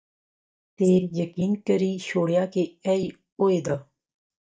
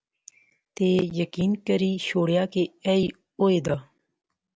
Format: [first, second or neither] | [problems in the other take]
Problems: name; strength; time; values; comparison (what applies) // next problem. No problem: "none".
second | noise reduction (neural mask model DeepFilterNet 3)